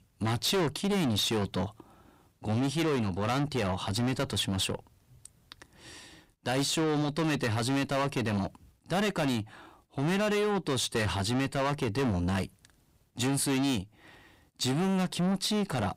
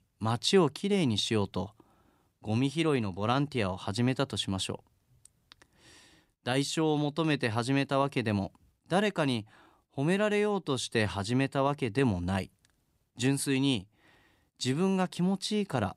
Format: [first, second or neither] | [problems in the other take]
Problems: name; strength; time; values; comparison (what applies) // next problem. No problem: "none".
second | distortion; heavy; 5 dB below the speech